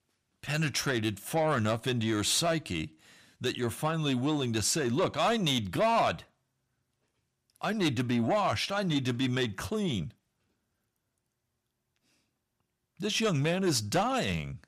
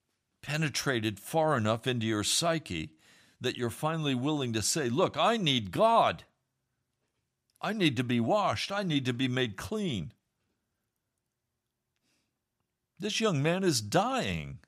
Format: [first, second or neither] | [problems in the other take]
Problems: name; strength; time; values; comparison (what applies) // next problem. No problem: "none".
second | distortion; slight; 10 dB below the speech